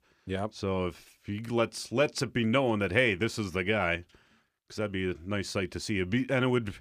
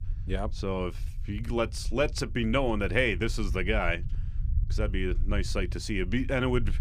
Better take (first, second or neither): first